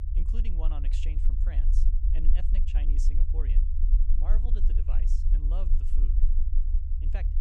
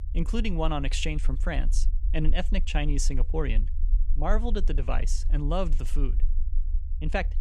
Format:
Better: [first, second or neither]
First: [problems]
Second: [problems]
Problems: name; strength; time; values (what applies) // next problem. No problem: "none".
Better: second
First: low rumble; loud; throughout; 2 dB below the speech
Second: low rumble; faint; throughout; 20 dB below the speech